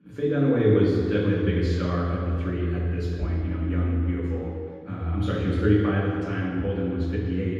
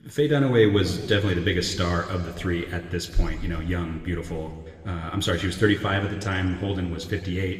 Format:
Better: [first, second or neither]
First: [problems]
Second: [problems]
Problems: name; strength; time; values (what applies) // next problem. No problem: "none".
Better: second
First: room echo; strong; dies away in 1.9 s // off-mic speech; far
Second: room echo; slight; dies away in 1.8 s